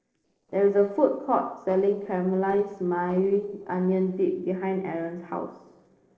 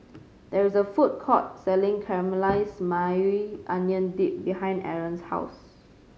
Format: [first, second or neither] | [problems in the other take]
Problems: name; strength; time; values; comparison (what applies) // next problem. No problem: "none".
second | noise reduction (neural separator model SepFormer DNS4)